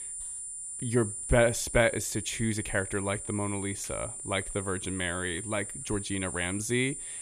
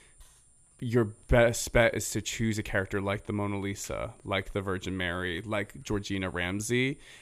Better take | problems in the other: second | high-pitched whine; loud; throughout; 9.5 kHz, 6 dB below the speech; faint in the second

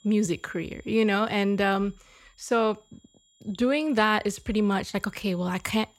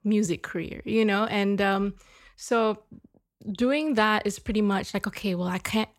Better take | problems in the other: second | high-pitched whine; faint; throughout; 3.5 kHz, 35 dB below the speech

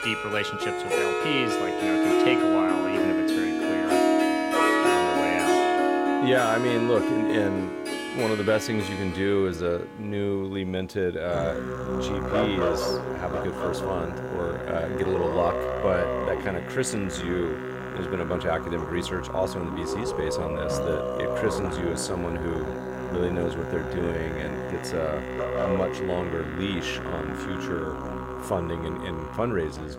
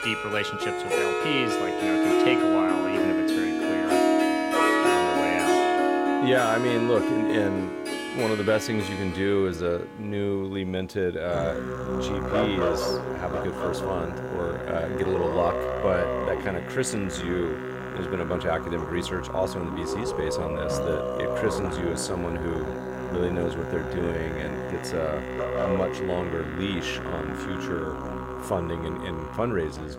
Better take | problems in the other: neither | background music; very loud; throughout; 2 dB above the speech; the same in both

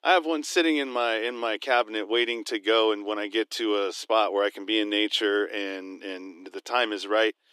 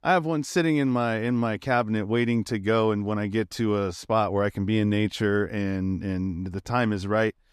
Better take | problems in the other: second | thin; very; fading below 300 Hz

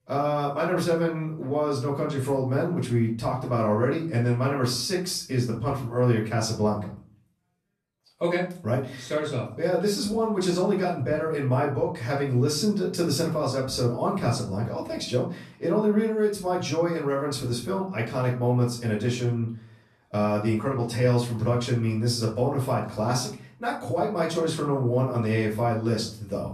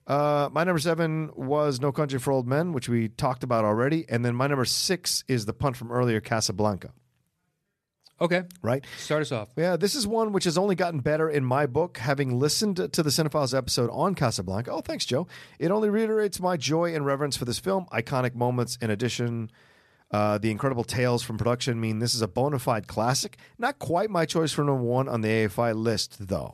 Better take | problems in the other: second | off-mic speech; far // room echo; slight; dies away in 0.4 s

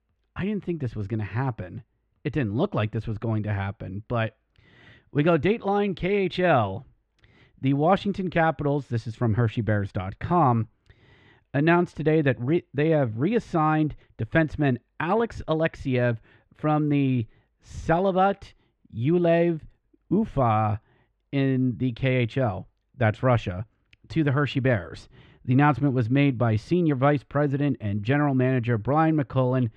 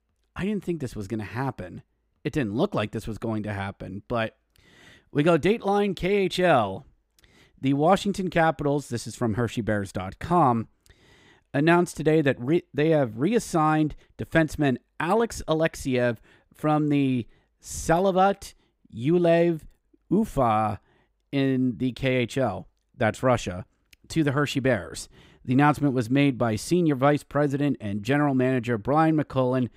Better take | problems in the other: second | muffled; slightly; fading above 3 kHz

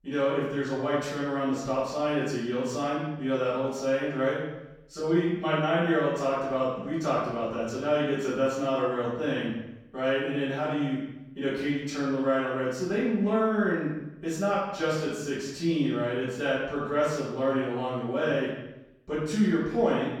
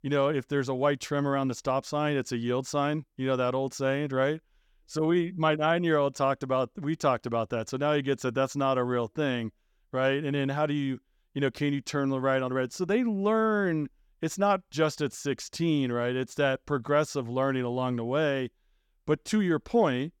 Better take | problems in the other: second | off-mic speech; far // room echo; noticeable; dies away in 0.8 s

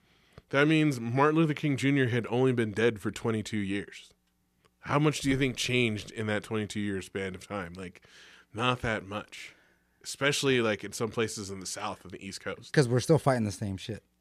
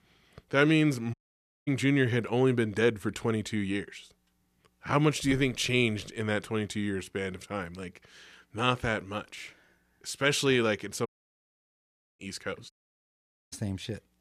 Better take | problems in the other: first | audio cutting out; at 1 s for 0.5 s, at 11 s for 1 s and at 13 s for 1 s

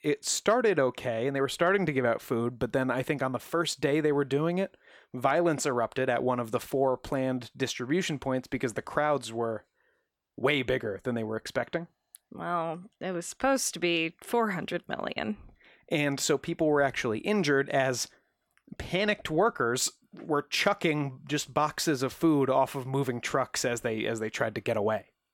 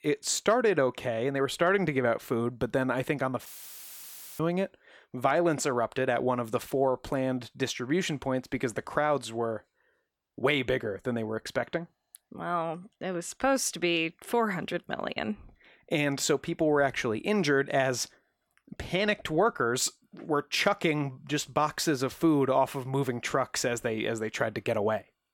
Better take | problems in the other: first | audio cutting out; filled with static; at 3.5 s for 1 s

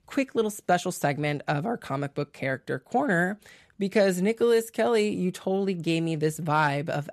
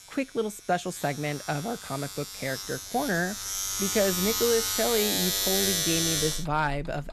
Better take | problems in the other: first | household noises; very loud; throughout; 2 dB above the speech

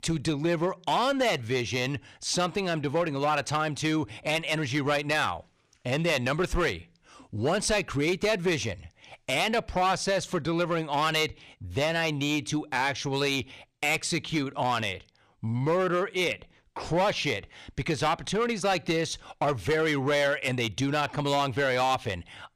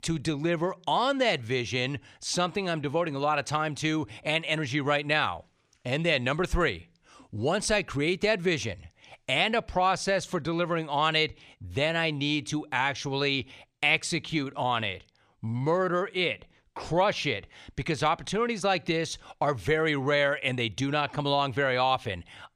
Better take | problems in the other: second | distortion; slight; 6% of the sound clipped

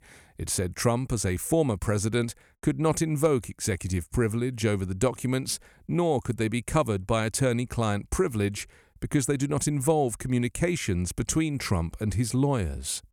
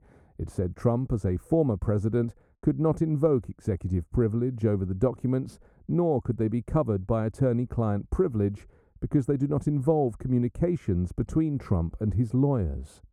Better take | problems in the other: first | muffled; very; fading above 1.5 kHz

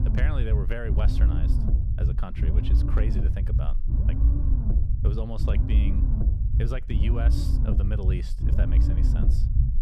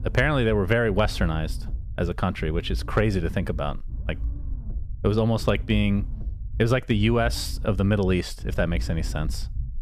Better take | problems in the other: second | low rumble; loud; throughout; 2 dB below the speech; faint in the second

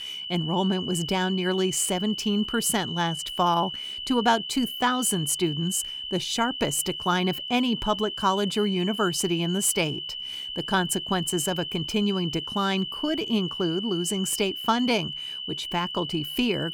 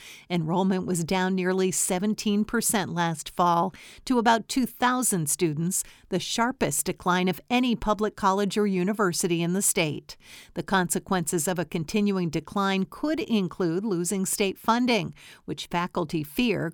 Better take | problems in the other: second | high-pitched whine; loud; throughout; 3 kHz, 6 dB below the speech

